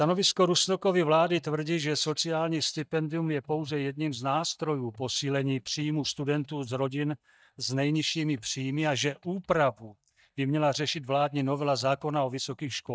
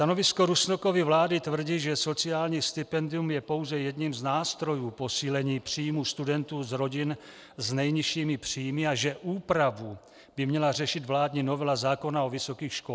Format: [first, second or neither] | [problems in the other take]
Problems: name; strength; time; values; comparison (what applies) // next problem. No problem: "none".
second | noise reduction (neural mask model DeepFilterNet 3)